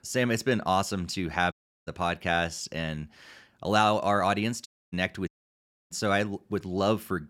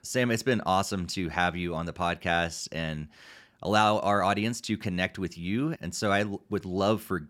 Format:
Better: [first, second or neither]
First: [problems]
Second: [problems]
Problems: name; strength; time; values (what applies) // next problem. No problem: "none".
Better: second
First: audio cutting out; at 1.5 s, at 4.5 s and at 5.5 s for 0.5 s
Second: none